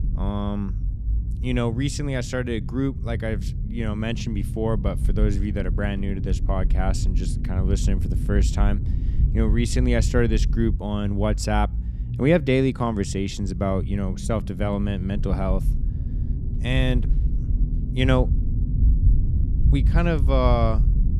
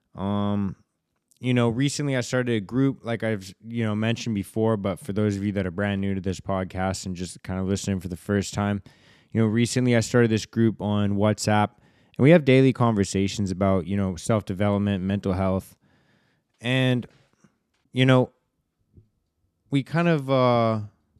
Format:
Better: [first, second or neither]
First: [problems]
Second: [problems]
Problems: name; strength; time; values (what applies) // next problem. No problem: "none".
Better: second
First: low rumble; noticeable; throughout; 15 dB below the speech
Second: none